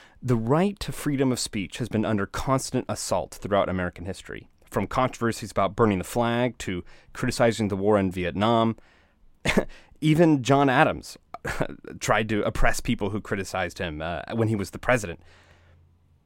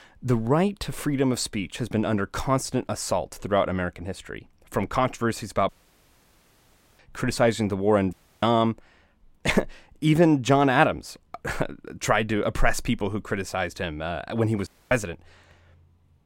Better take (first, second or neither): first